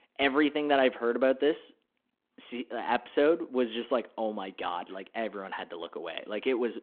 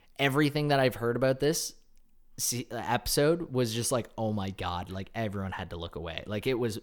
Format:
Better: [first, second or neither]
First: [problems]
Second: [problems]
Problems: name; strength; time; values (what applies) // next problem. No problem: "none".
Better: second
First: phone-call audio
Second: none